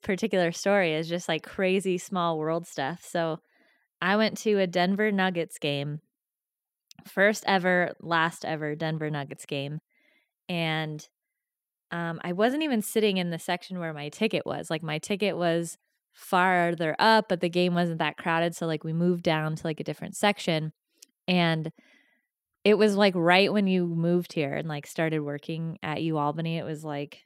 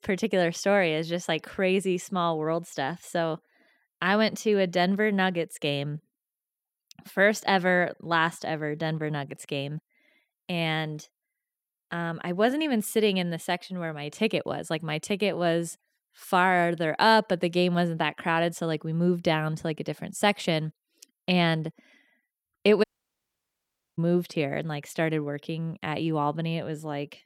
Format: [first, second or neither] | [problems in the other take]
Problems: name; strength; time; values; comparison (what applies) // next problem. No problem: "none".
first | audio cutting out; at 23 s for 1 s